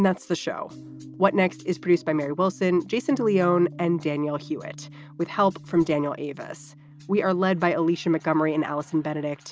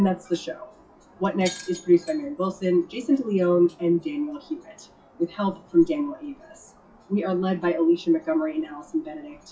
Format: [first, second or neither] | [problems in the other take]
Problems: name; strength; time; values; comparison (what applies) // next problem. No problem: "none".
first | noise reduction (classical method WPE with log-MMSE)